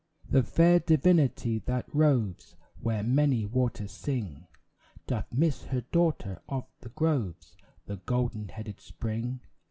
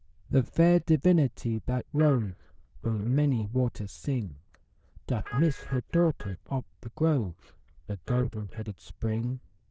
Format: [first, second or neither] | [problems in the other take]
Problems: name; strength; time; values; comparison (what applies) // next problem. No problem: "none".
first | noise reduction (neural diffusion model UNIVERSE++)